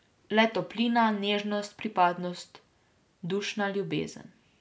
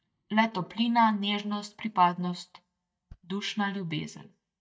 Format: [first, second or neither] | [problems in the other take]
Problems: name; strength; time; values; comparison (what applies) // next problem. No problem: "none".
first | noise reduction (neural mask model DeepFilterNet 3)